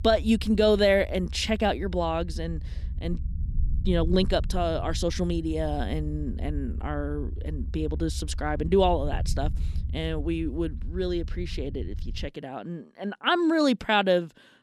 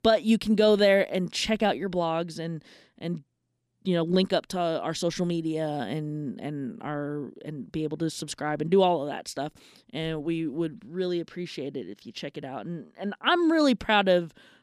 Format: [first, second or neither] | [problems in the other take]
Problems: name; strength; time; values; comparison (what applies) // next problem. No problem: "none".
second | low rumble; faint; until 12 s; 25 dB below the speech